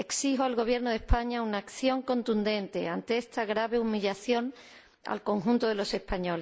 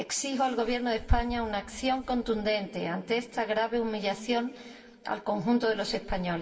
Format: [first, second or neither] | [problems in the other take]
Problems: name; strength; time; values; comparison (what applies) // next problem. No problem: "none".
first | room echo; dies away in 1.9 s